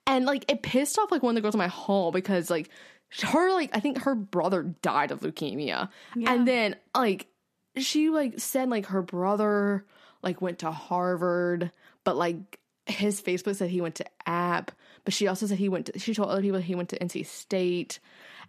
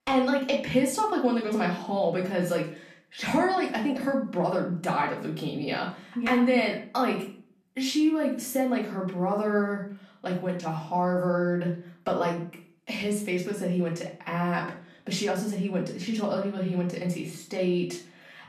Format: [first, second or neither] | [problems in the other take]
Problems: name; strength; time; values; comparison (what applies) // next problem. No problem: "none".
first | room echo; slight; dies away in 0.4 s // off-mic speech; far